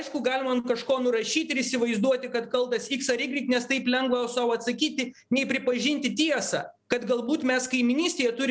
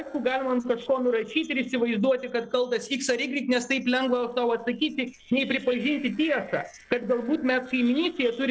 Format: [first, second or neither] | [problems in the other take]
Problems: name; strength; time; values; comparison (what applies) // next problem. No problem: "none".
first | noise reduction (neural separator model SepFormer DNS4)